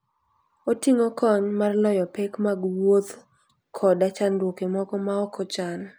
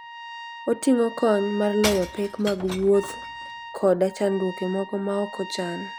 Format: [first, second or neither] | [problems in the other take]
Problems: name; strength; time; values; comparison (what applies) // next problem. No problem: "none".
first | background sound (Trumpet + Shatter / Crushing); 12 dB below the speech